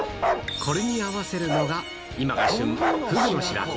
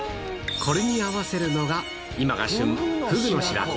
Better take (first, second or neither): second